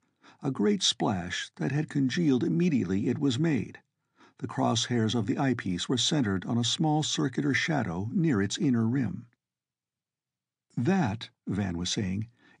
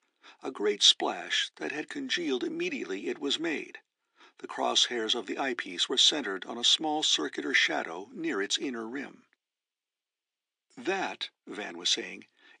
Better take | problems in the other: first | thin; somewhat; fading below 350 Hz

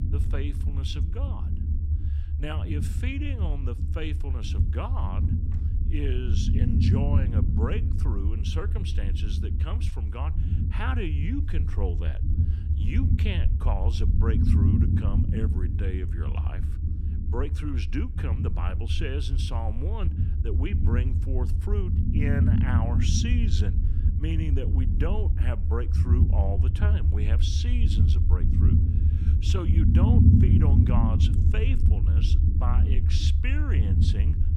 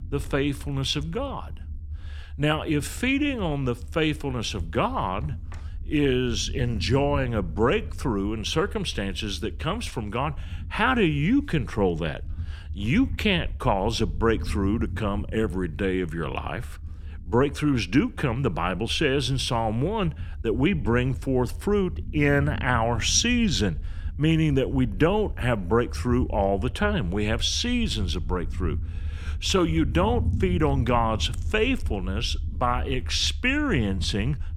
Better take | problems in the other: second | low rumble; loud; throughout; 1 dB below the speech; faint in the second

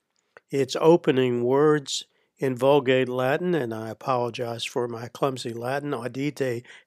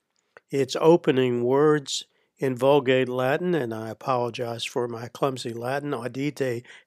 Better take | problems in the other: neither | none

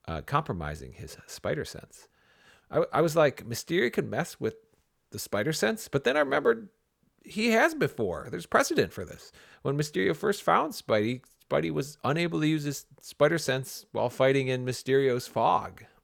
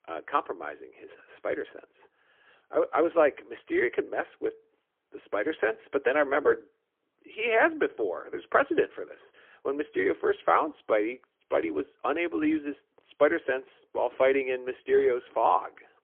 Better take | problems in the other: first | phone-call audio; poor line; nothing above 3.5 kHz

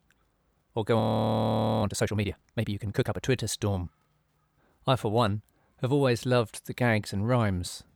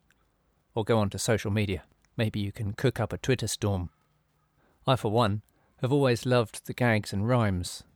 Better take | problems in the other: second | audio freezing; at 1 s for 1 s

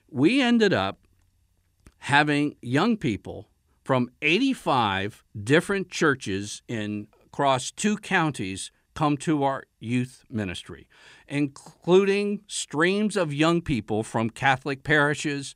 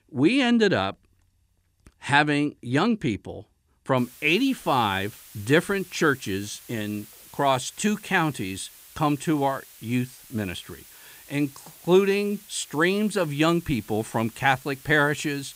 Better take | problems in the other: first | hiss; faint; from 4 s on; 20 dB below the speech

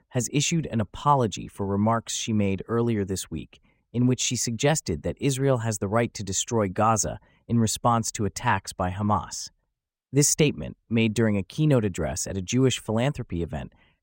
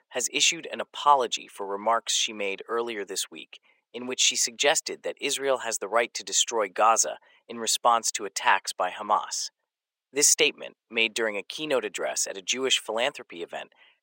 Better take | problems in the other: first | thin; very; fading below 450 Hz

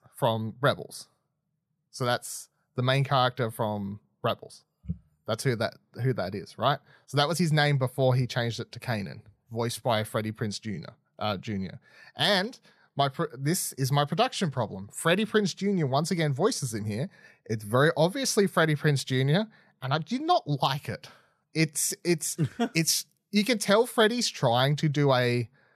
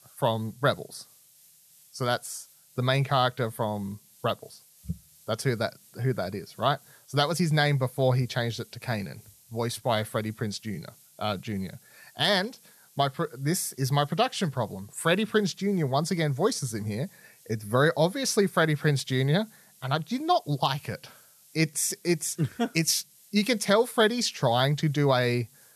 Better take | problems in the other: first | hiss; faint; throughout; 25 dB below the speech

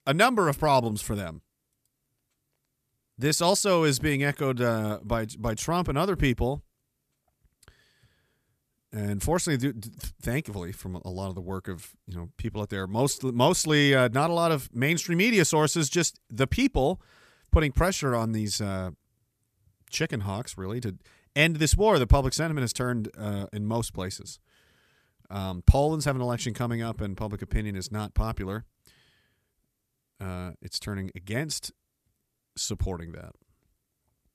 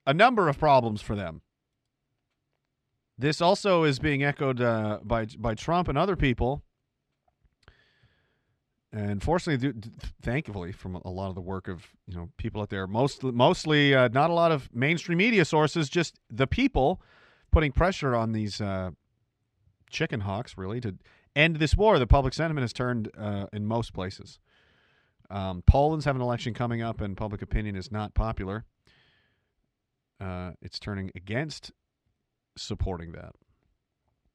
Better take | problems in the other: first | muffled; slightly; fading above 3 kHz

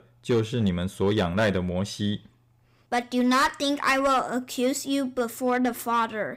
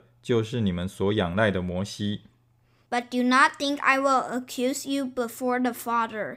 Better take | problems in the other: second | distortion; slight; 4% of the sound clipped

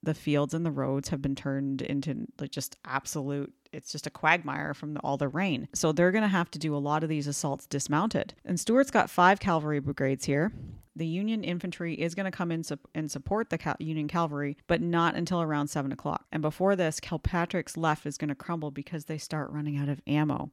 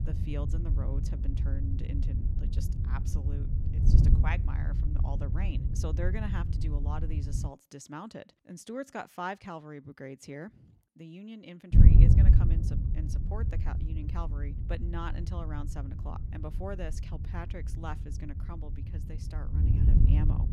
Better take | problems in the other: first | wind noise on the microphone; heavy; until 7.5 s and from 12 s on; 1 dB below the speech

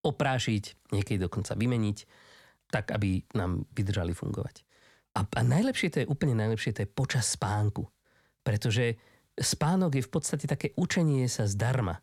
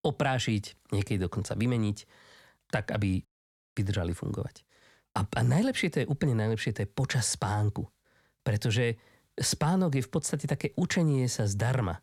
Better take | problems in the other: first | audio cutting out; at 3.5 s for 0.5 s

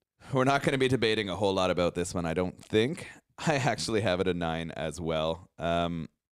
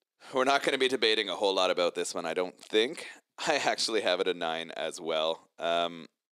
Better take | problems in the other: first | thin; somewhat; fading below 350 Hz

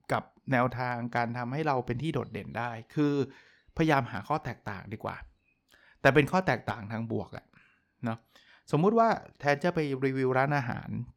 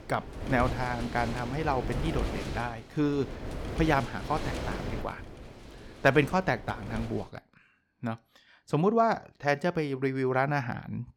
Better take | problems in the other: first | wind noise on the microphone; occasional gusts; until 7 s; 10 dB below the speech

